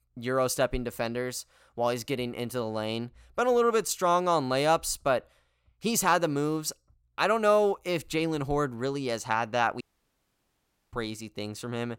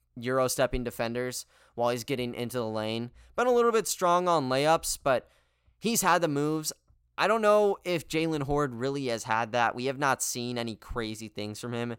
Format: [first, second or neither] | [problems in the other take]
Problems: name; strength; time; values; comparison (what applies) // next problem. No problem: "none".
second | audio cutting out; at 10 s for 1 s